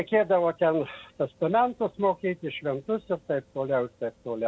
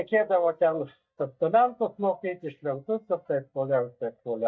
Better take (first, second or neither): first